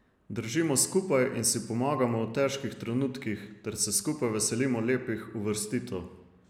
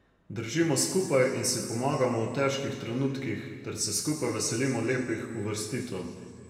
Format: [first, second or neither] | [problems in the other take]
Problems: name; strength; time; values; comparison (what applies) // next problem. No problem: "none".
first | room echo; dies away in 2 s